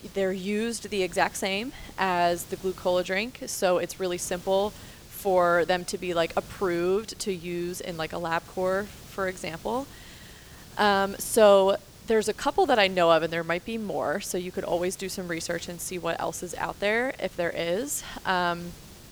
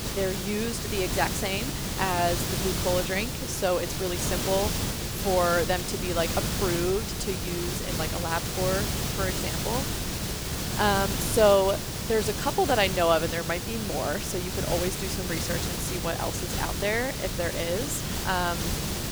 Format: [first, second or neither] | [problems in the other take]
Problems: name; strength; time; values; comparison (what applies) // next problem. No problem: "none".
first | hiss; loud; throughout; 1 dB below the speech; faint in the first